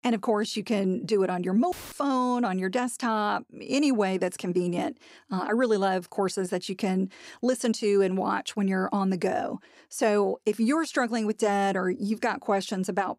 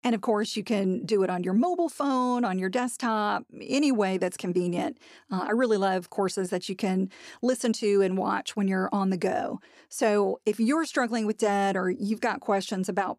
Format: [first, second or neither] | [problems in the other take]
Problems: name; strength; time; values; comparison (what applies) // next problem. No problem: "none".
second | audio cutting out; filled with static; at 1.5 s